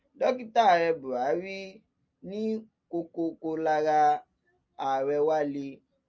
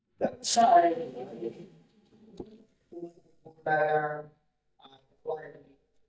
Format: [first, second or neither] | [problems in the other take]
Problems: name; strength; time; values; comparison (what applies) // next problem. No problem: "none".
first | noise reduction (neural mask model DeepFilterNet 3)